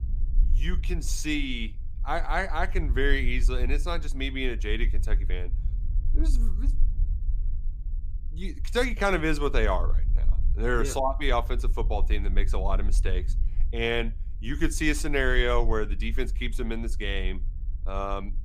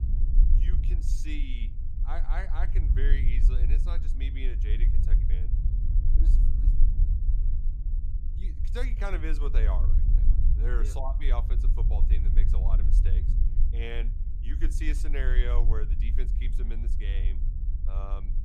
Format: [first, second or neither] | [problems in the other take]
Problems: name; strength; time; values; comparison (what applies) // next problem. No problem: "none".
first | low rumble; loud; throughout; 8 dB below the speech; faint in the first